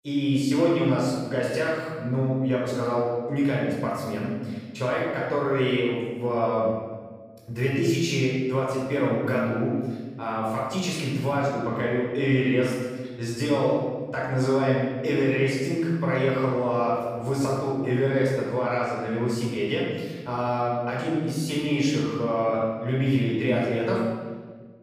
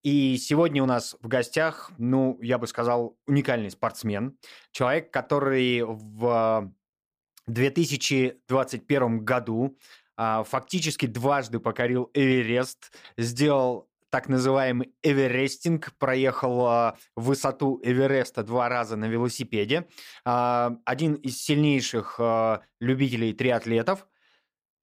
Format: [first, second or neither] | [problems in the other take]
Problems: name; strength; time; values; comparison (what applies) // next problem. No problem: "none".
second | room echo; strong; dies away in 1.4 s // off-mic speech; far